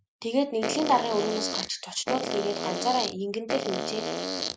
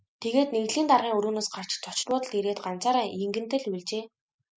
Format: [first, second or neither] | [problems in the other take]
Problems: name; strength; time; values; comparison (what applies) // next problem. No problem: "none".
second | background sound (Fart); 2 dB below the speech